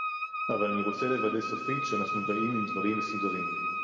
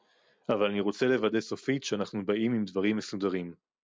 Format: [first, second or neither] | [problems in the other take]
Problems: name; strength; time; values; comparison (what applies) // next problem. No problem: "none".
second | background sound (Wind instrument, woodwind instrument); as loud as the speech // room echo; dies away in 2.2 s